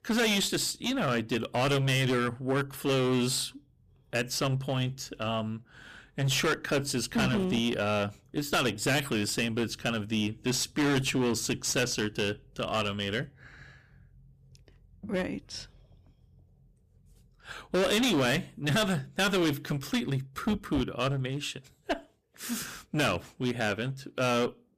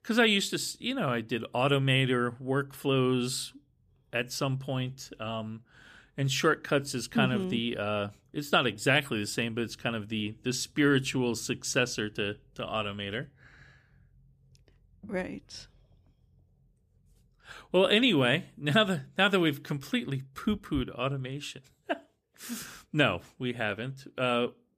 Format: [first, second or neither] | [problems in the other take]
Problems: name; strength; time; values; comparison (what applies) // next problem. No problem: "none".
second | distortion; heavy; 13% of the sound clipped